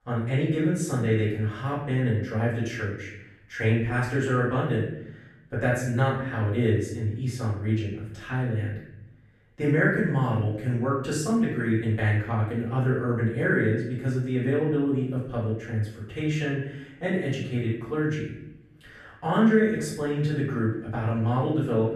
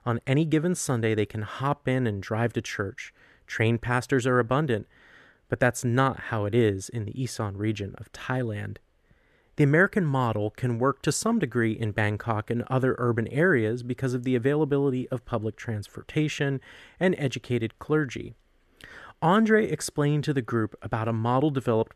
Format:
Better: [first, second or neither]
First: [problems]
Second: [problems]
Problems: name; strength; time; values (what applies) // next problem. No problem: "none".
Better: second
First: room echo; noticeable; dies away in 0.8 s // off-mic speech; far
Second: none